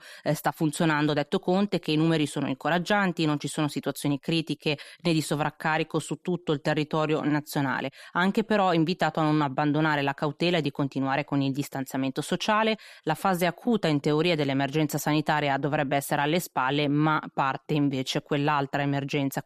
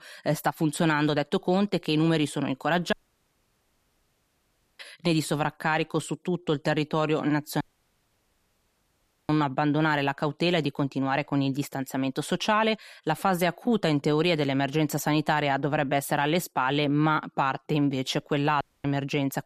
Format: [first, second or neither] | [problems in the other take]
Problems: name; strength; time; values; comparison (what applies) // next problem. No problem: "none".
first | audio cutting out; at 3 s for 2 s, at 7.5 s for 1.5 s and at 19 s